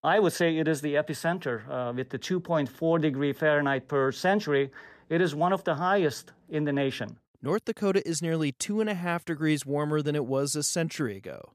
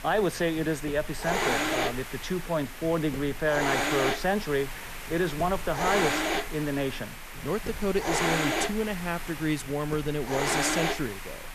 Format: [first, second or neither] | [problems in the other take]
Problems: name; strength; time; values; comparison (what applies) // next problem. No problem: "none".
first | hiss; loud; throughout; 2 dB below the speech